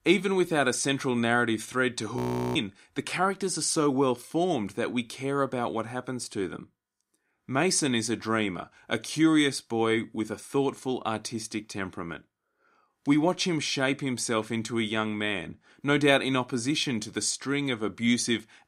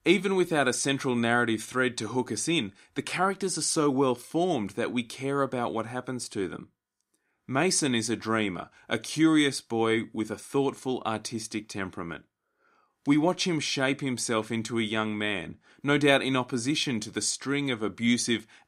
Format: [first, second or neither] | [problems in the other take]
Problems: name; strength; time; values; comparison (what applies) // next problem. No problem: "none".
second | audio freezing; at 2 s